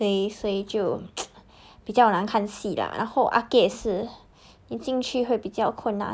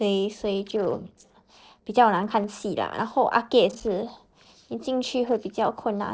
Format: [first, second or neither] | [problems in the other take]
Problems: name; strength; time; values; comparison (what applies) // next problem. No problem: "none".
first | noise reduction (neural separator model SepFormer DNS4)